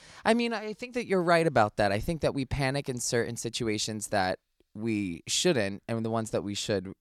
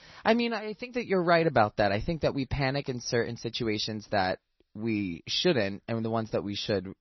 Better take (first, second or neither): first